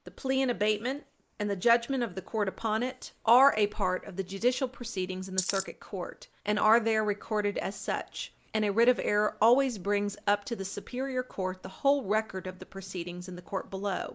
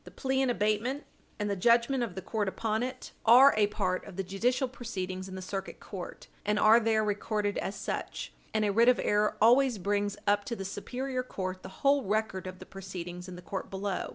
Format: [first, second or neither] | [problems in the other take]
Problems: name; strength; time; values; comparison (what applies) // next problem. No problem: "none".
second | noise reduction (neural mask model Resemble Enhance denoiser)